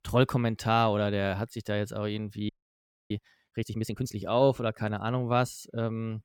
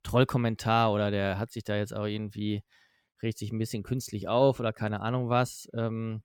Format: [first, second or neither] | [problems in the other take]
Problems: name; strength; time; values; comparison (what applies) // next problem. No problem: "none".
second | audio freezing; at 2.5 s for 0.5 s